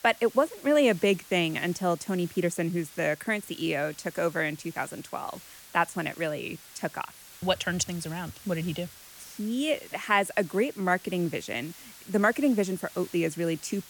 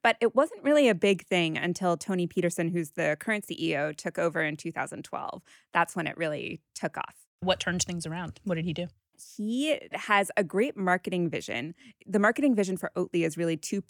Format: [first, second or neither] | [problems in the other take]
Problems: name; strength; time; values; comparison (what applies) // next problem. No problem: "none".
second | hiss; noticeable; throughout; 20 dB below the speech